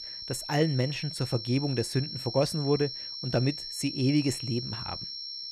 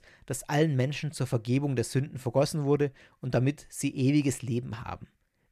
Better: second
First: high-pitched whine; loud; throughout; 5.5 kHz, 6 dB below the speech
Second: none

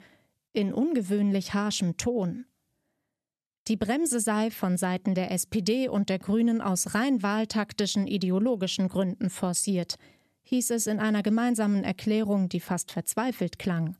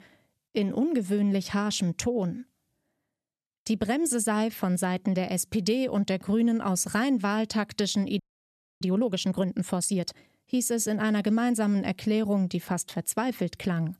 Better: first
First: none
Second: audio freezing; at 8 s for 0.5 s

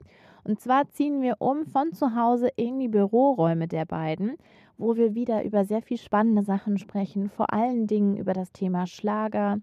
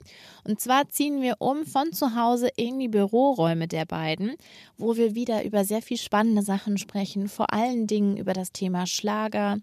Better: second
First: muffled; very; fading above 2.5 kHz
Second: none

